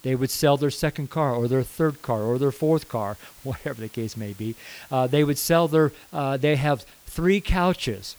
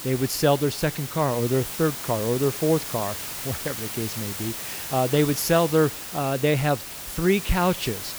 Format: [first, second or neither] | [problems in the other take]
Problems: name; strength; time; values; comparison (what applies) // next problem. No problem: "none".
first | hiss; loud; throughout; 7 dB below the speech; faint in the first